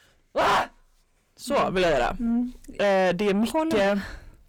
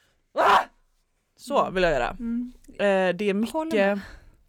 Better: second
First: distortion; heavy; 6 dB below the speech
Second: none

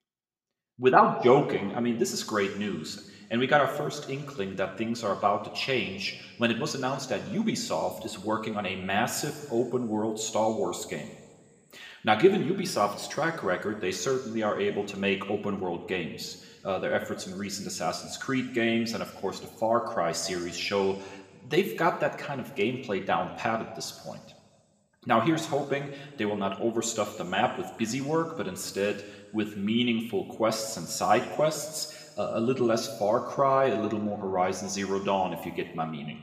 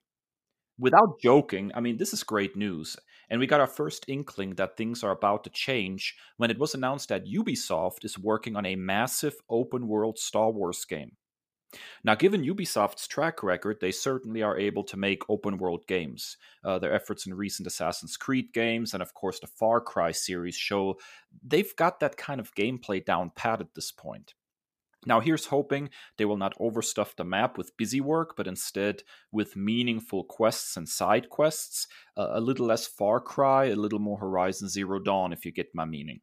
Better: second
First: room echo; slight; dies away in 1.5 s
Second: none

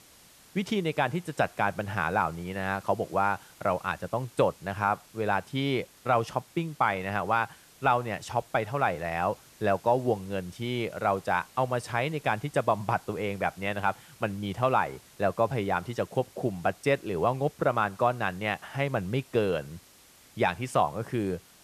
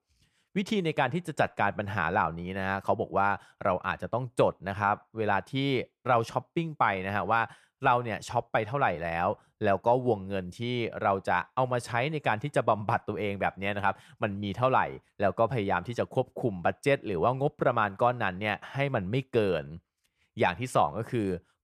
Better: second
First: hiss; faint; throughout; 25 dB below the speech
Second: none

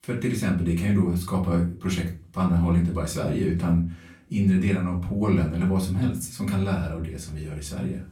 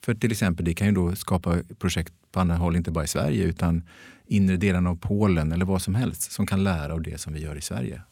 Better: second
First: room echo; slight; dies away in 0.3 s // off-mic speech; far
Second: none

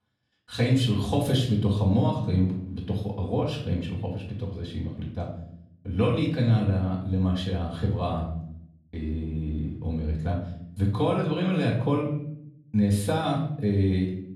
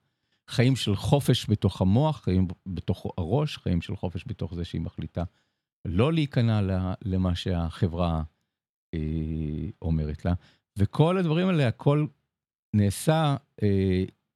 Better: second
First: off-mic speech; far // room echo; slight; dies away in 0.6 s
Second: none

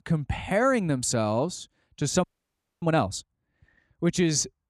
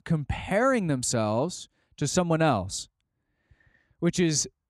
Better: second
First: audio freezing; at 2 s for 0.5 s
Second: none

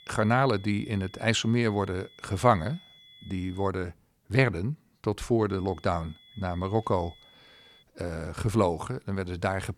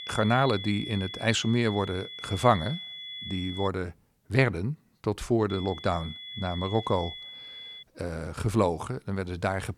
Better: first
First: high-pitched whine; faint; until 3.5 s and from 5.5 to 8 s; 3.5 kHz, 25 dB below the speech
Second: high-pitched whine; loud; until 3.5 s and from 5.5 to 8 s; 3.5 kHz, 10 dB below the speech

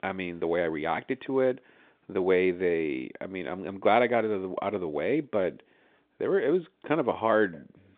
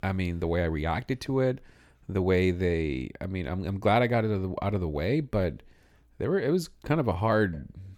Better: second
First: phone-call audio; nothing above 3.5 kHz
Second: none

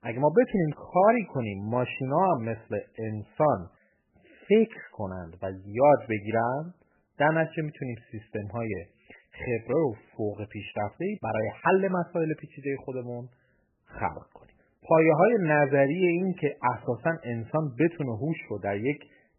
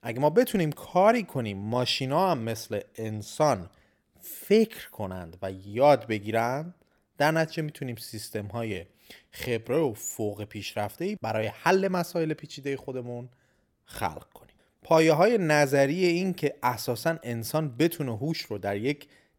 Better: second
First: garbled, watery; badly; nothing above 3 kHz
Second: none

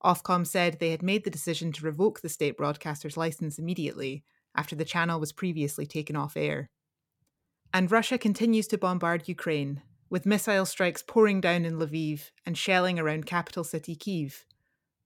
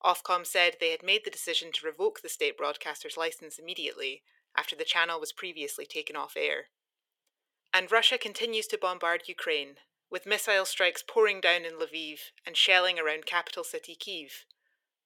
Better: first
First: none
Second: thin; very; fading below 450 Hz

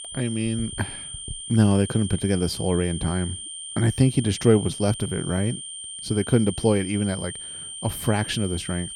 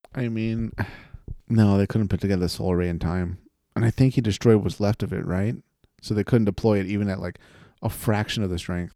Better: second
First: high-pitched whine; loud; throughout; 9 kHz, 9 dB below the speech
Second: none

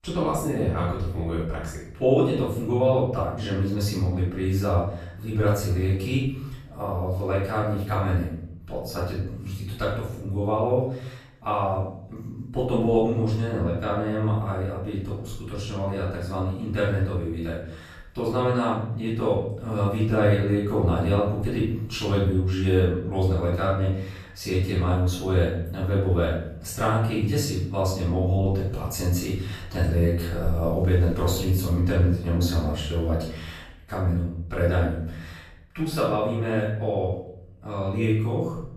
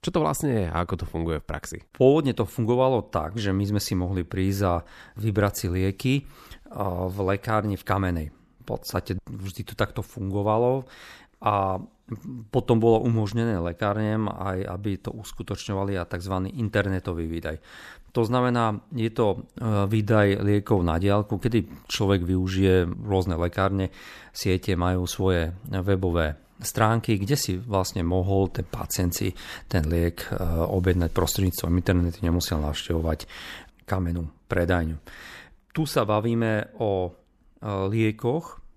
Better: second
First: off-mic speech; far // room echo; noticeable; dies away in 0.7 s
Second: none

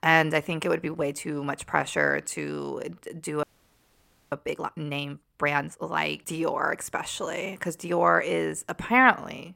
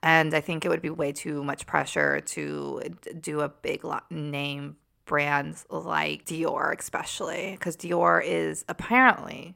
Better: second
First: audio freezing; at 3.5 s for 1 s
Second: none

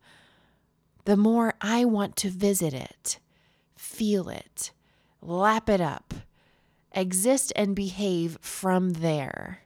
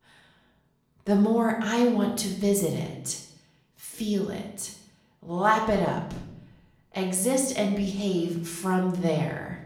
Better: first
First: none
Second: room echo; slight; dies away in 0.7 s // off-mic speech; somewhat distant

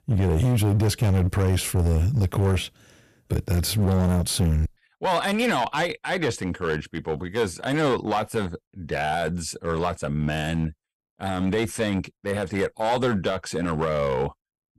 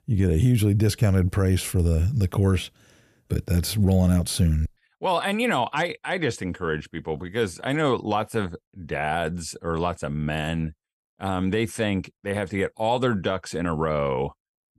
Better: second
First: distortion; slight; 12% of the sound clipped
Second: none

